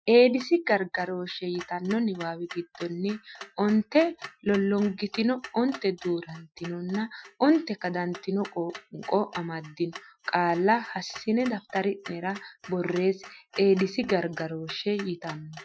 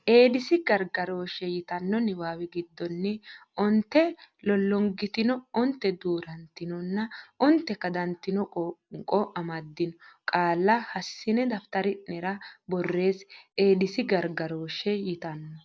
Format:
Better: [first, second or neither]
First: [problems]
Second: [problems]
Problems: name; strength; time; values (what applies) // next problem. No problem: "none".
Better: second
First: noise reduction (classical method Wiener filter)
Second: none